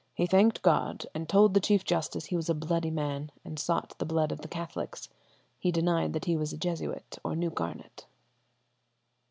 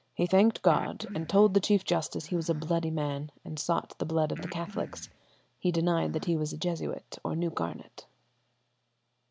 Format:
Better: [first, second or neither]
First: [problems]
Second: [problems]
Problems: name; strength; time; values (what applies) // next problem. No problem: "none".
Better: first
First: none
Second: background sound (Breathing); 18 dB below the speech